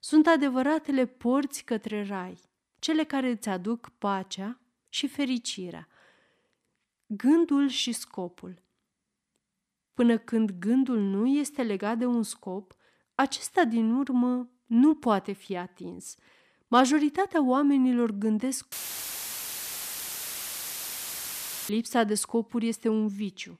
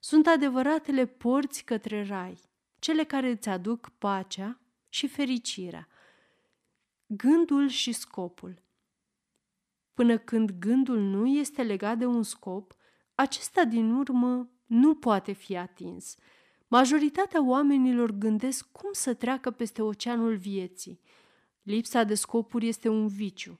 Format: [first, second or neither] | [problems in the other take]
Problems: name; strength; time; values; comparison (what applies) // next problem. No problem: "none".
second | audio cutting out; filled with static; at 19 s for 3 s